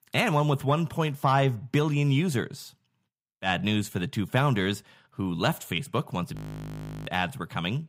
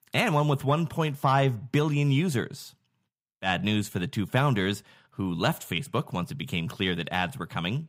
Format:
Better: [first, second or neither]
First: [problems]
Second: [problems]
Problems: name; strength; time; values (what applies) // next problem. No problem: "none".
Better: second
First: audio freezing; at 6.5 s for 0.5 s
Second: none